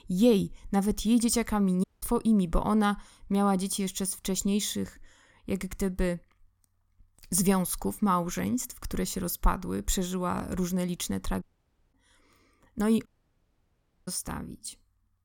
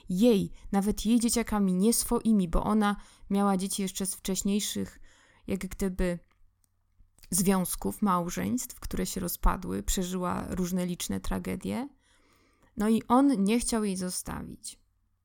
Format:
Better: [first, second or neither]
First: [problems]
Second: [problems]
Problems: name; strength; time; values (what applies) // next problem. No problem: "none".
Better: second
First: audio cutting out; at 2 s, at 11 s for 0.5 s and at 13 s for 1 s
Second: none